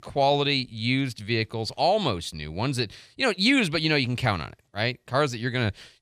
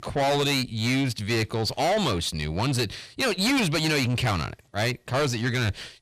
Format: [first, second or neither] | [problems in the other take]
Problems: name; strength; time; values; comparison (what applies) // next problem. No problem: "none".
first | distortion; heavy; 6 dB below the speech